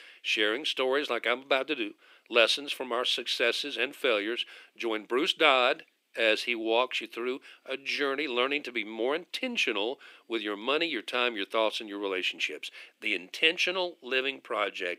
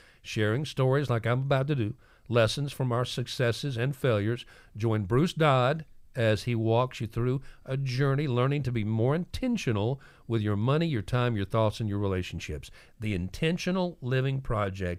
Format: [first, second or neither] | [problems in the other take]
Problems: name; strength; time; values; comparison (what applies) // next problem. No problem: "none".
second | thin; very; fading below 300 Hz